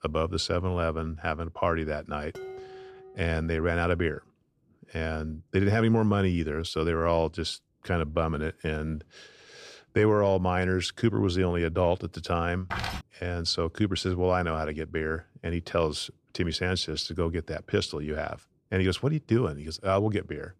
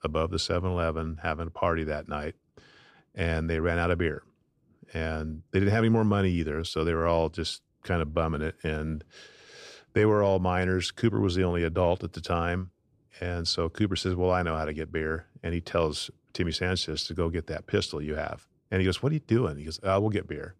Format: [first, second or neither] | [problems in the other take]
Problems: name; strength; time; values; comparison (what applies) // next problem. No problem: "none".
second | clattering dishes; faint; from 2.5 to 3.5 s; peak 15 dB below the speech // footsteps; noticeable; at 13 s; peak 4 dB below the speech